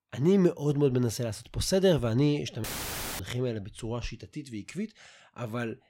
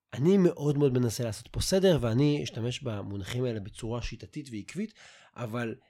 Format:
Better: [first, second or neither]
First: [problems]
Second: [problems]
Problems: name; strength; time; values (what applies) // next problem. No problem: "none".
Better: second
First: audio cutting out; filled with static; at 2.5 s for 0.5 s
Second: none